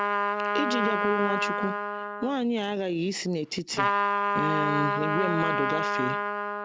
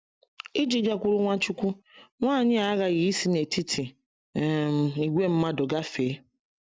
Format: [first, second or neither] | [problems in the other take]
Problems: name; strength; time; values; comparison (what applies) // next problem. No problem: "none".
second | background sound (Trumpet); 2 dB above the speech